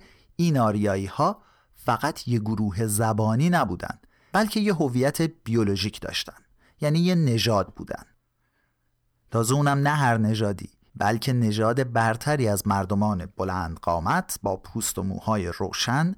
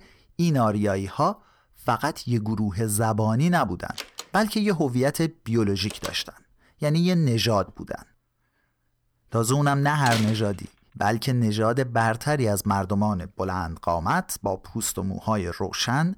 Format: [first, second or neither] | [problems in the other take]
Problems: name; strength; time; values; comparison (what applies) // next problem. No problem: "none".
first | door banging; noticeable; from 4 to 10 s; peak 5 dB below the speech